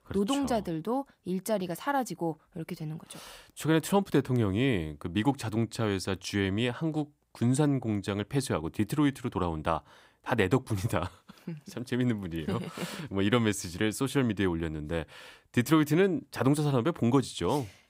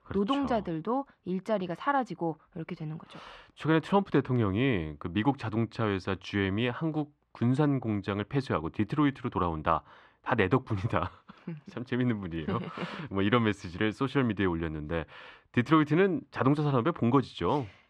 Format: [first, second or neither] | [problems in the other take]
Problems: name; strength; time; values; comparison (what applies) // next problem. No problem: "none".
first | muffled; slightly; fading above 2.5 kHz